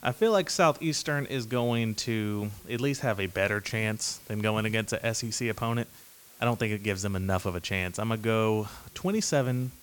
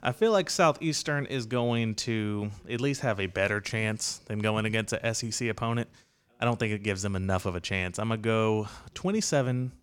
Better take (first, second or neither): second